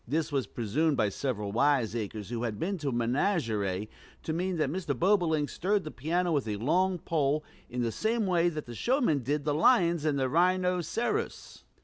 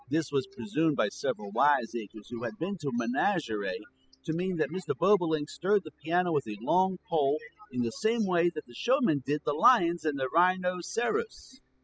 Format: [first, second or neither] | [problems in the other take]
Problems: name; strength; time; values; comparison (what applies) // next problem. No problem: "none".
first | noise reduction (classical method spectral subtraction)